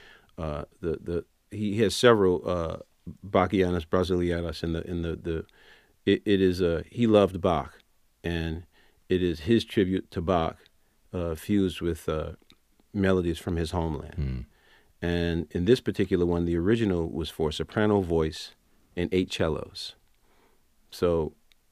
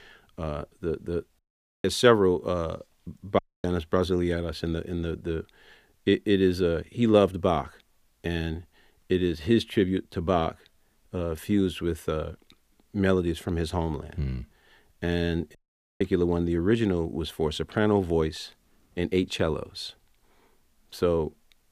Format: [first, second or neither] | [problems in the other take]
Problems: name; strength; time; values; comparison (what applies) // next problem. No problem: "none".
first | audio cutting out; at 1.5 s, at 3.5 s and at 16 s